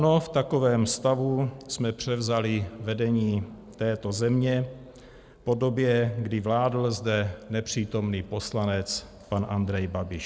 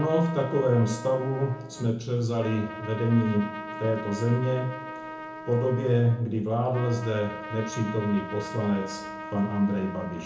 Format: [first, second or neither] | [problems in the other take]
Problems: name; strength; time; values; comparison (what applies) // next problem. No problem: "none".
first | background sound (Trumpet); 12 dB below the speech // room echo; dies away in 0.7 s